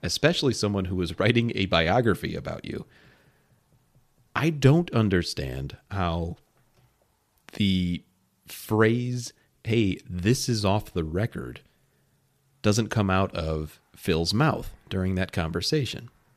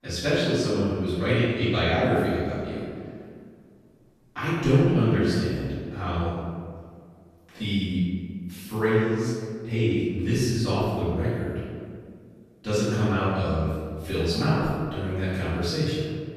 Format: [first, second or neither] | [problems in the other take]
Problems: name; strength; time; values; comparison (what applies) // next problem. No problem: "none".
first | off-mic speech; far // room echo; strong; dies away in 1.8 s